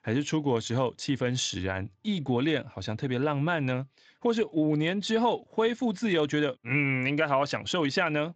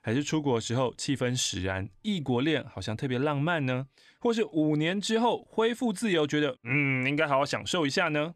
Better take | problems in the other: second | garbled, watery; slightly; nothing above 7.5 kHz

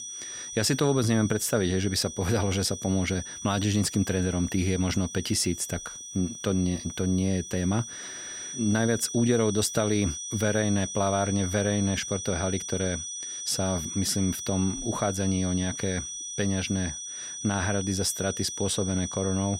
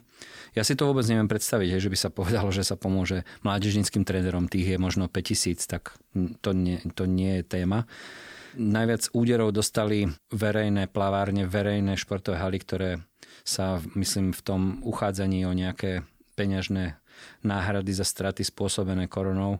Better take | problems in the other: second | high-pitched whine; loud; throughout; 6 kHz, 7 dB below the speech

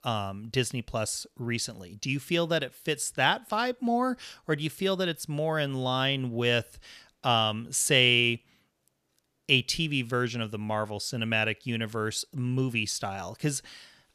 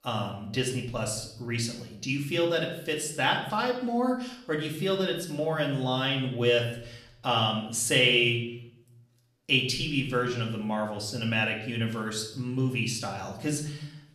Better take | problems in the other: first | room echo; slight; dies away in 0.7 s // off-mic speech; far

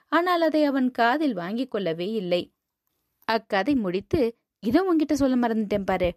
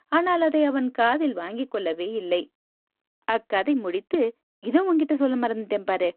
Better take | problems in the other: first | phone-call audio

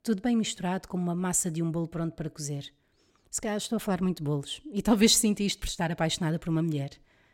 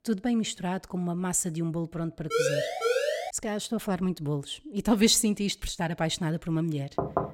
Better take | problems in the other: first | siren; loud; from 2.5 to 3.5 s; peak 2 dB above the speech // door banging; noticeable; at 7 s; peak 2 dB below the speech

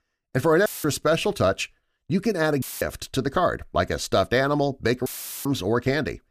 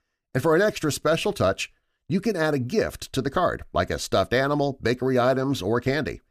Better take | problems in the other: second | audio cutting out; filled with static; at 0.5 s, at 2.5 s and at 5 s

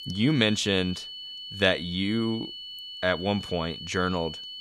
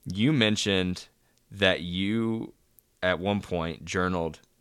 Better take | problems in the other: second | high-pitched whine; noticeable; throughout; 3 kHz, 10 dB below the speech

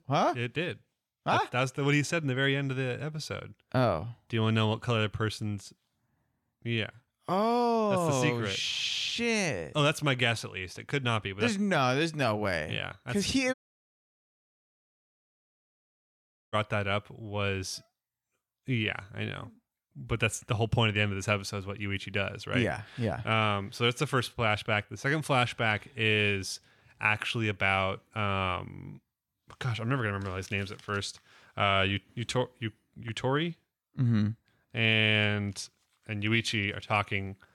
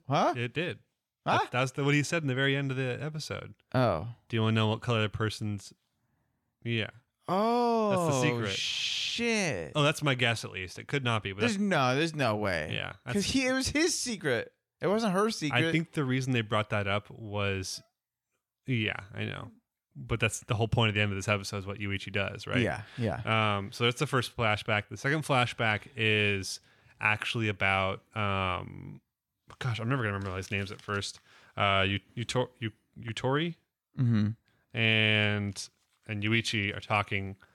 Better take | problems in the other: second | audio cutting out; at 14 s for 3 s

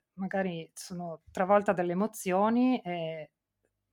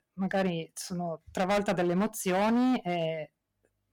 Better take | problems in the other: first | distortion; heavy; 14% of the sound clipped

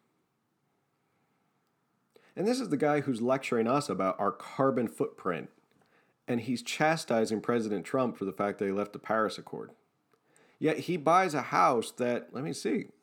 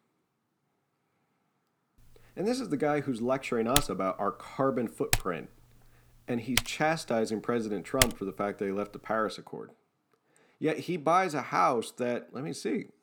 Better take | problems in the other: first | keyboard typing; loud; from 4 to 8 s; peak 3 dB above the speech

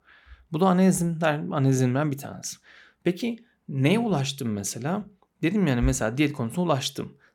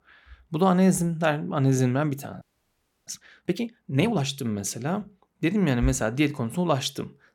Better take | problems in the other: first | audio freezing; at 2.5 s for 0.5 s

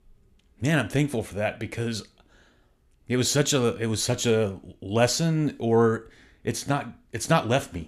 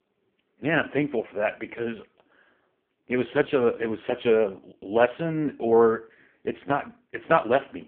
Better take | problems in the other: first | phone-call audio; poor line

